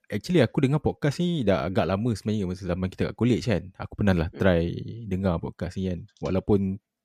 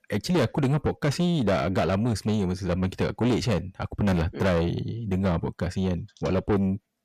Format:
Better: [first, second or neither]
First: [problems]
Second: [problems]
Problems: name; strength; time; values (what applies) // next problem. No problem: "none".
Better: first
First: none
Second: distortion; heavy; 7 dB below the speech